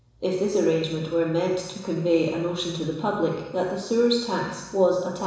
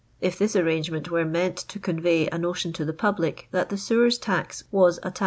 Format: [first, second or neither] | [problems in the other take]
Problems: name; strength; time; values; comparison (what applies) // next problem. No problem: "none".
second | room echo; dies away in 1 s